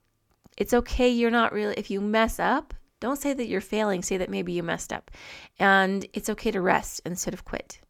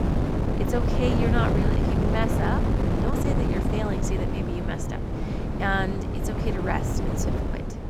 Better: first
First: none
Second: wind noise on the microphone; heavy; as loud as the speech

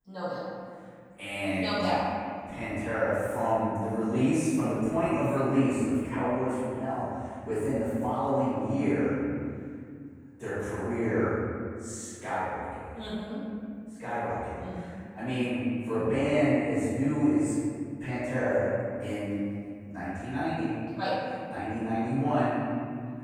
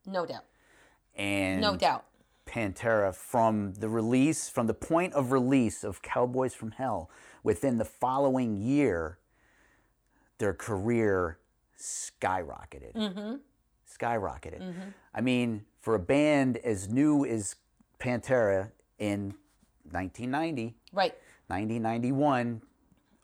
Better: second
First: off-mic speech; far // room echo; strong; dies away in 2.3 s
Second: none

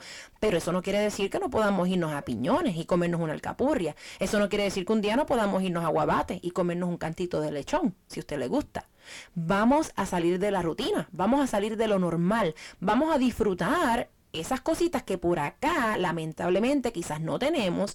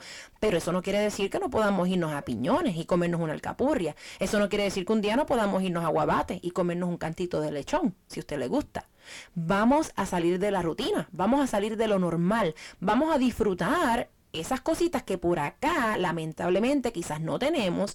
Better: neither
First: distortion; heavy; 6 dB below the speech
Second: distortion; heavy; 6 dB below the speech

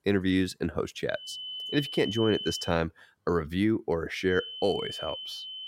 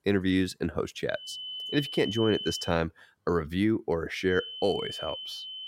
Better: neither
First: high-pitched whine; loud; from 1 to 2.5 s and from 4.5 s on; 3 kHz, 7 dB below the speech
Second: high-pitched whine; loud; from 1 to 2.5 s and from 4.5 s on; 3 kHz, 7 dB below the speech

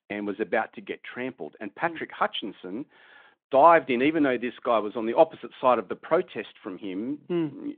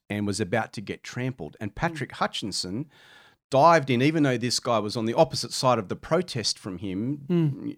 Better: second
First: phone-call audio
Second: none

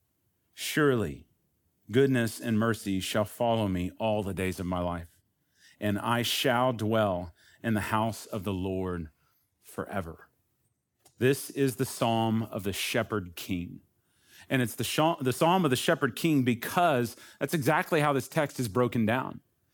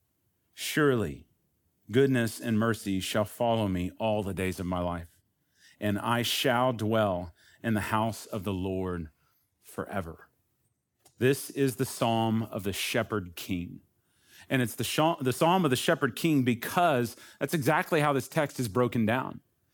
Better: neither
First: none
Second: none

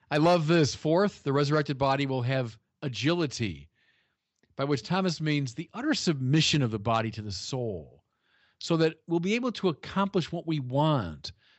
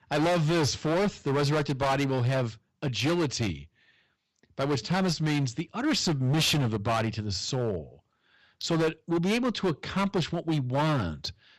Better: first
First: none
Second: distortion; heavy; 16% of the sound clipped

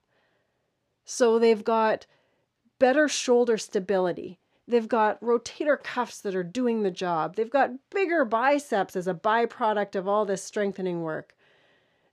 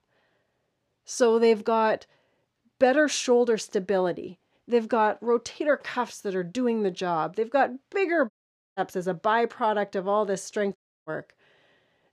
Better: first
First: none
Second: audio cutting out; at 8.5 s and at 11 s

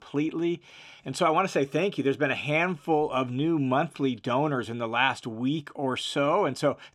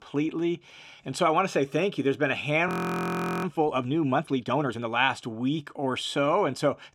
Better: first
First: none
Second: audio freezing; at 2.5 s for 1 s

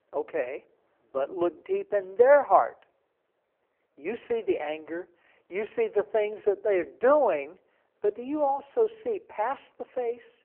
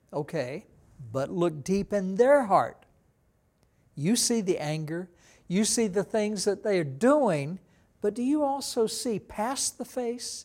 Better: second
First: phone-call audio; poor line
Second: none

